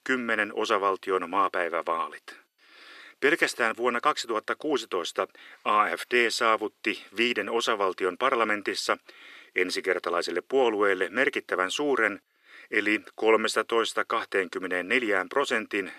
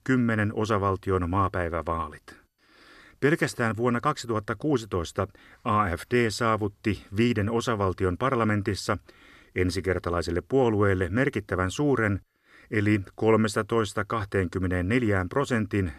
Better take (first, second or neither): second